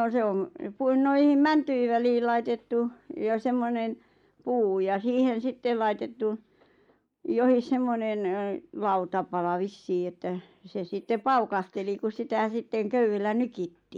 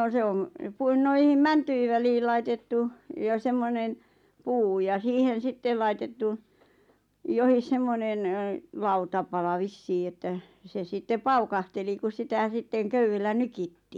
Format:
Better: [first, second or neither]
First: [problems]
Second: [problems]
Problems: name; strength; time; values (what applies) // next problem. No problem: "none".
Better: second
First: noise reduction (neural mask model Resemble Enhance denoiser)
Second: none